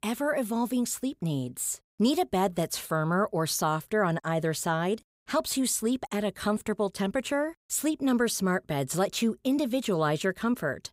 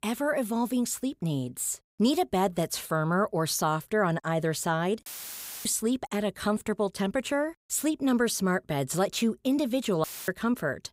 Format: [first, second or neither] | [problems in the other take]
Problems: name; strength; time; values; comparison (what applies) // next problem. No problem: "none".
first | audio cutting out; filled with static; at 5 s for 0.5 s and at 10 s